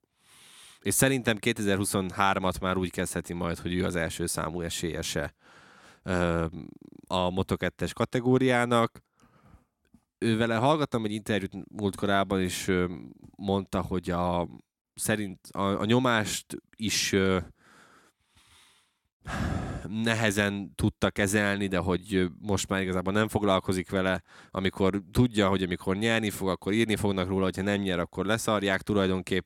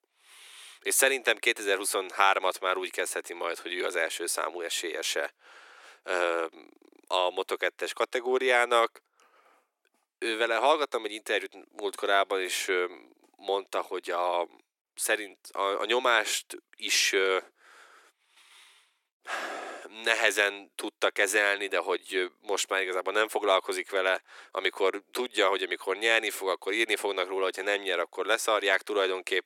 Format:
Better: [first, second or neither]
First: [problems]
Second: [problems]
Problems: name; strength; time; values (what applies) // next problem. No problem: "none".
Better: first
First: none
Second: thin; very; fading below 350 Hz